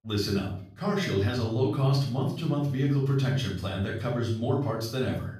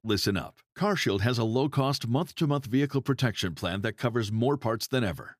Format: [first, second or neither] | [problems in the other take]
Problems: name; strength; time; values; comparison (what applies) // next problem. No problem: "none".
second | off-mic speech; far // room echo; noticeable; dies away in 0.5 s